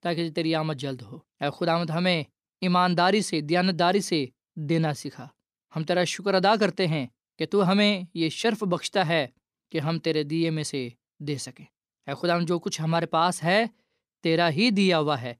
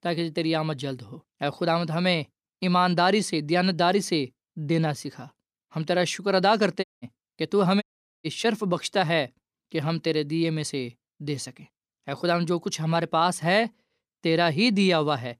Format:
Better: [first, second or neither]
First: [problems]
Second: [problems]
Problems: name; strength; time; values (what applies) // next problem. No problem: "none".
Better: first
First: none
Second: audio cutting out; at 7 s and at 8 s